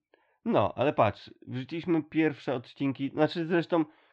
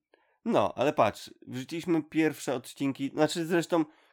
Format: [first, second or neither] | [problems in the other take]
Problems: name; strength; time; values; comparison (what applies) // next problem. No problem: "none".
second | muffled; slightly; fading above 4 kHz